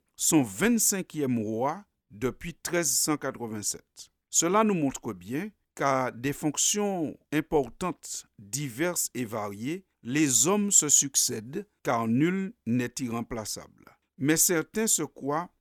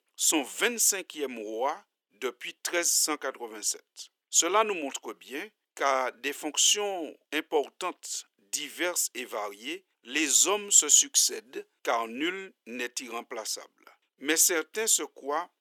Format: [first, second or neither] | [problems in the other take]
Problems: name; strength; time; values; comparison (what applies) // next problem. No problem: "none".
first | thin; somewhat; fading below 350 Hz